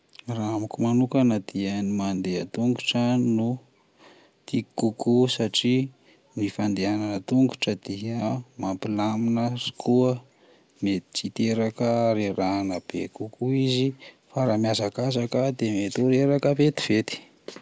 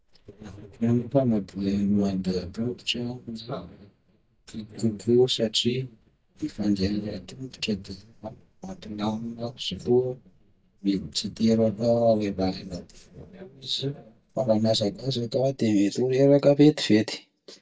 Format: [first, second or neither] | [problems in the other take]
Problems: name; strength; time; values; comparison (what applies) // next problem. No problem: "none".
first | noise reduction (neural mask model DeepFilterNet 3)